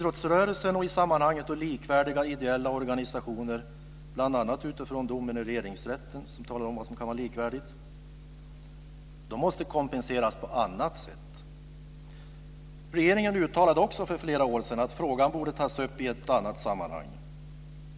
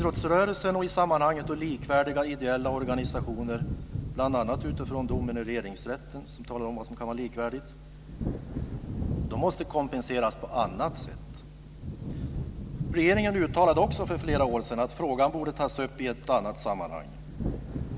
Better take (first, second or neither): first